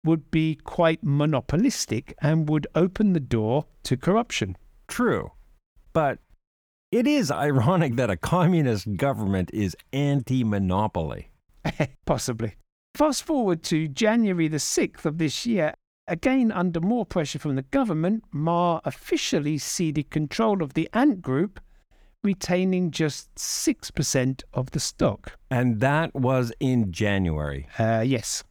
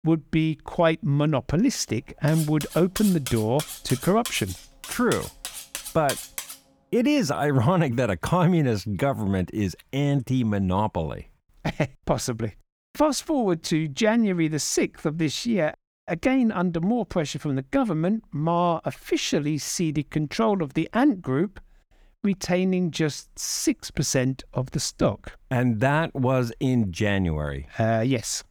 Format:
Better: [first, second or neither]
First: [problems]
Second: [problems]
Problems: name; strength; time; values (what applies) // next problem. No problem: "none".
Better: first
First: none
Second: clattering dishes; noticeable; from 2.5 to 6.5 s; peak 6 dB below the speech